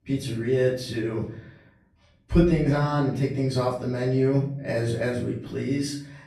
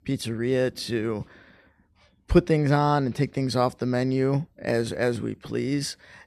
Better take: second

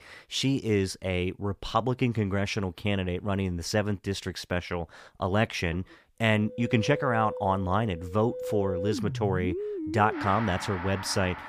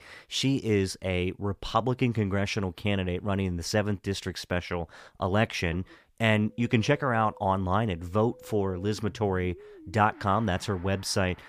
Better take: second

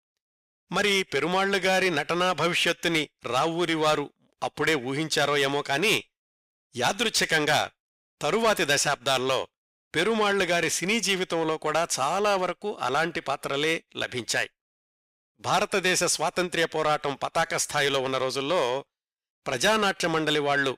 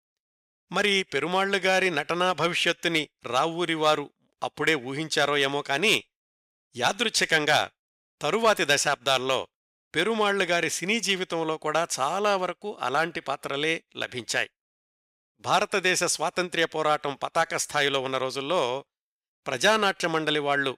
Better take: second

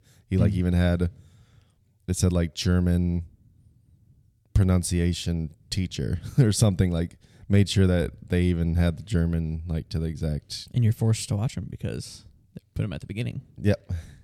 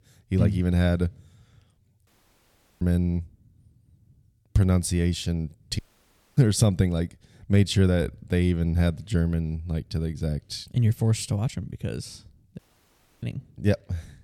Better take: first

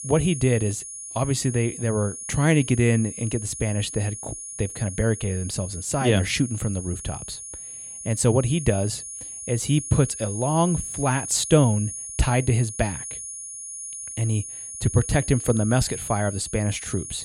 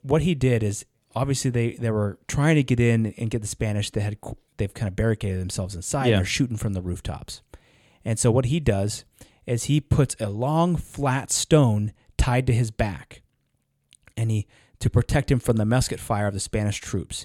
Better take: second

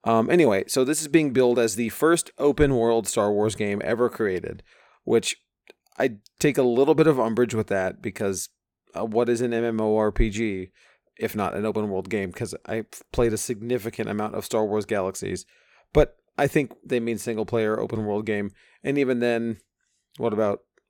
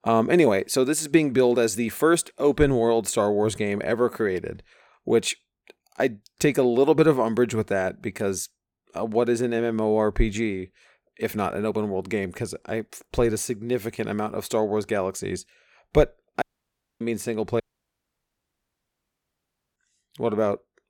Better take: first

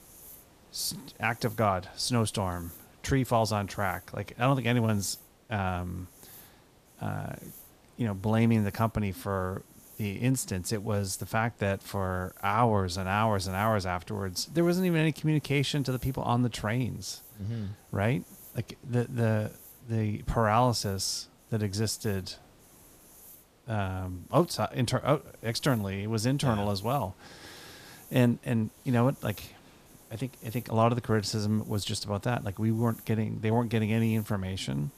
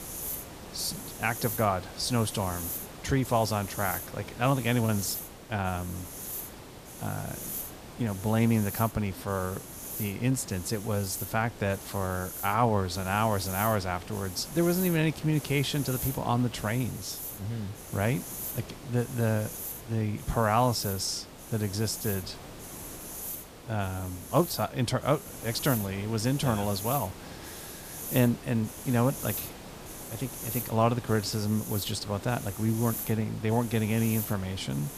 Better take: first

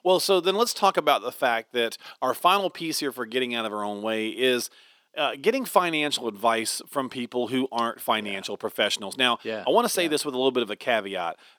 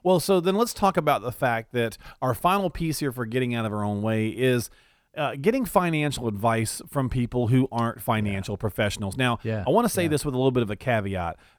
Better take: second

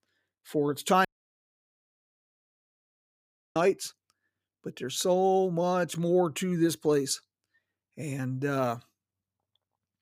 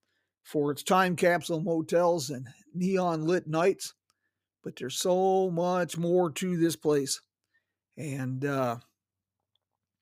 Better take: second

